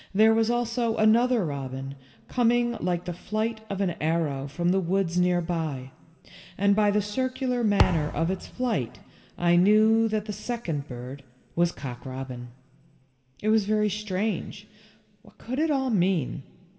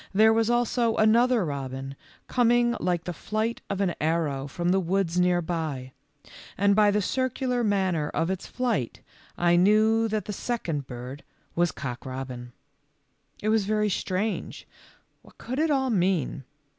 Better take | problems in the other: second | background sound (Thump, thud); 5 dB below the speech // room echo; dies away in 1.6 s

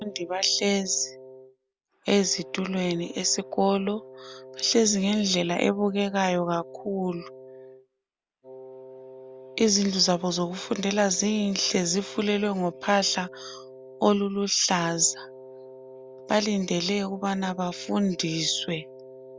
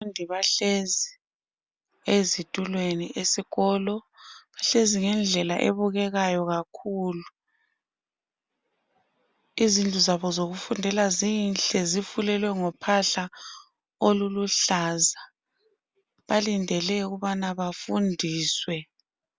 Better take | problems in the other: second | background sound (Wind instrument, woodwind instrument); 18 dB below the speech

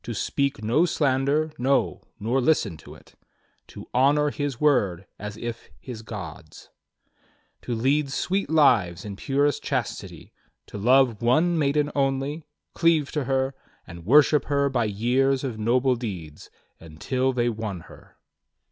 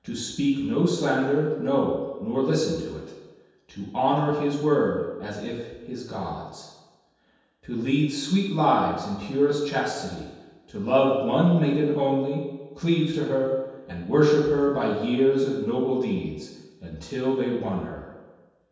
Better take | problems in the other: first | room echo; dies away in 1.2 s

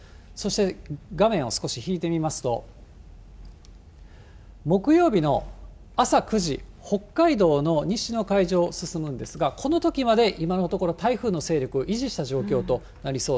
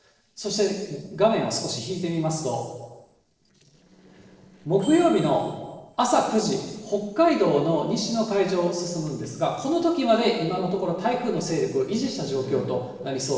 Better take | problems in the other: first | noise reduction (neural separator model SepFormer DNS4)

